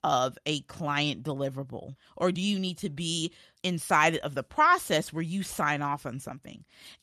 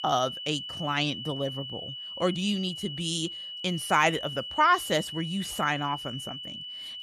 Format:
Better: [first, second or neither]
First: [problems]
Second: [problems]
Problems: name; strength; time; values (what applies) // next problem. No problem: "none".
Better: first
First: none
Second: high-pitched whine; loud; throughout; 3 kHz, 8 dB below the speech